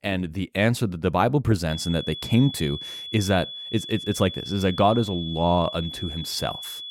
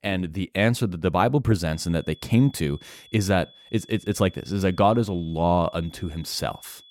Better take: second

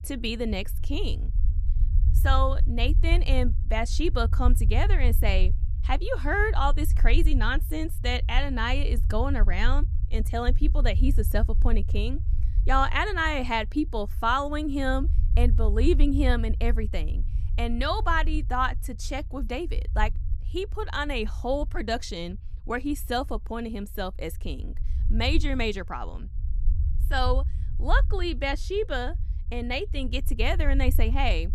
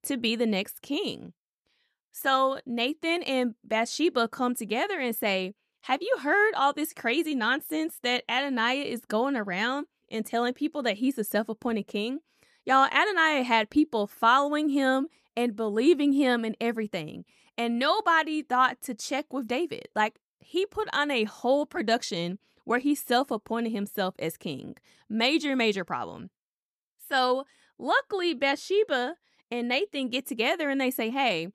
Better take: second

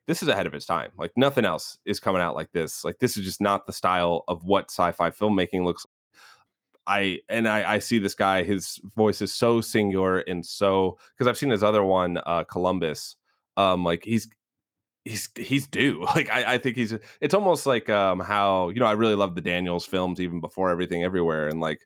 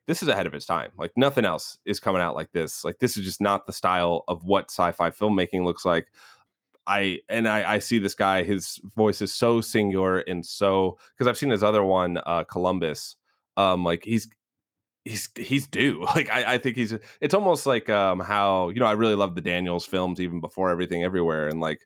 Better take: second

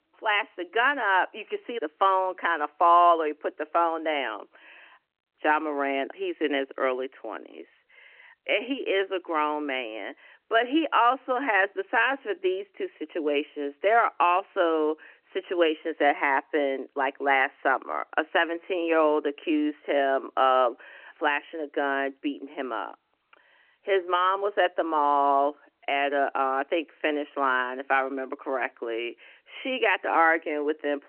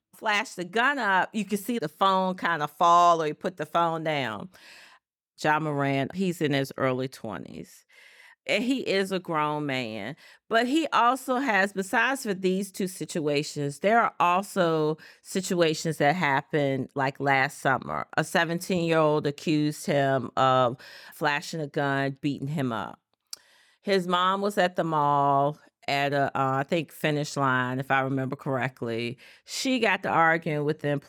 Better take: second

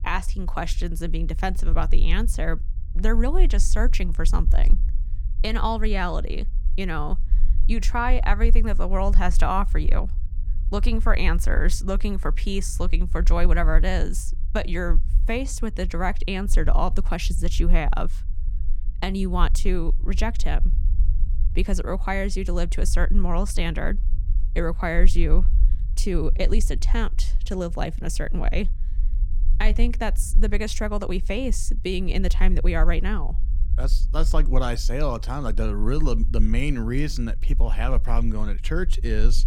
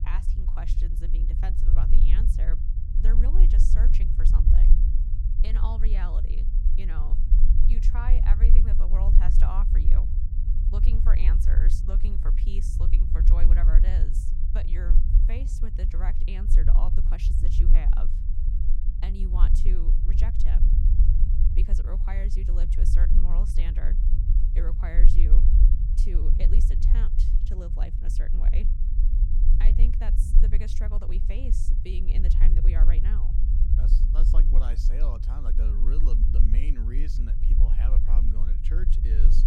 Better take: first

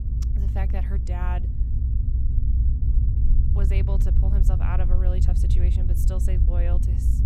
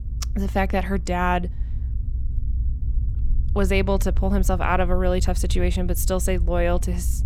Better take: second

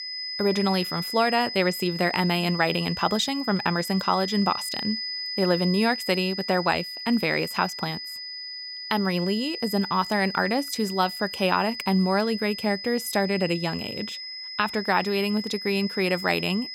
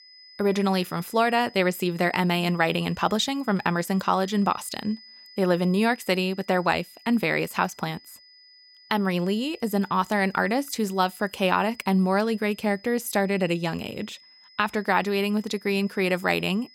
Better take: second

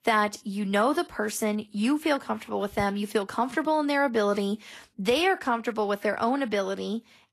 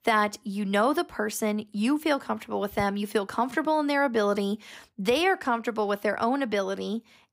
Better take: second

